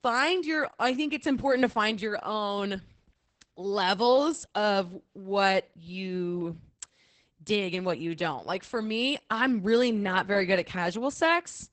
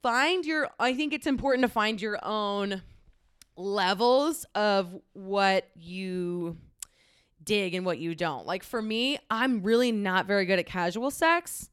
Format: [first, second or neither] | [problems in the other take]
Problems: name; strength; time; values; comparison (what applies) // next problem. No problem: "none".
second | garbled, watery; badly; nothing above 8 kHz